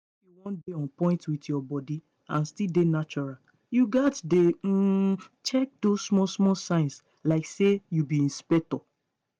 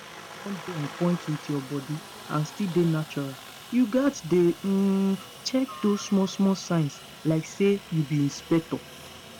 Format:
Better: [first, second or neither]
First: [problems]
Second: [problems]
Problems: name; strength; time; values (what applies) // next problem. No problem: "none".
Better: first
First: none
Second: background sound (Aircraft); 16 dB below the speech